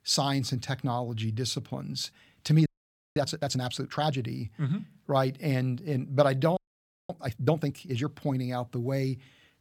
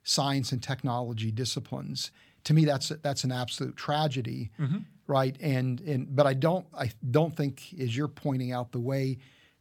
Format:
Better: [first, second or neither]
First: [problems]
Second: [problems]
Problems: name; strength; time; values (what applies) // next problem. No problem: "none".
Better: second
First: audio freezing; at 2.5 s for 0.5 s and at 6.5 s for 0.5 s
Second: none